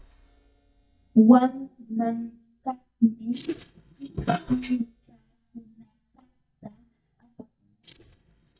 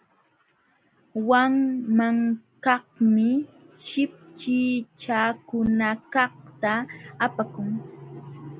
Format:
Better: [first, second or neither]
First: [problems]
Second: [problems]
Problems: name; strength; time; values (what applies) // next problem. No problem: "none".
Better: second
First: noise reduction (neural mask model DeepFilterNet 3)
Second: none